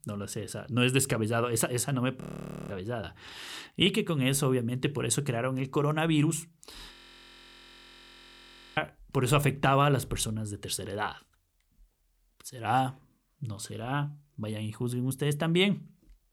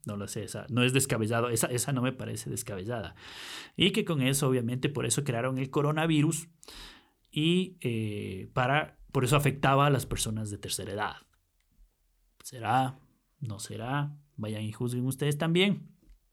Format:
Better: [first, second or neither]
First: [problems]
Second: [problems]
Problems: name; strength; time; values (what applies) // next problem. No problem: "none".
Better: second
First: audio freezing; at 2 s and at 7 s for 2 s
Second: none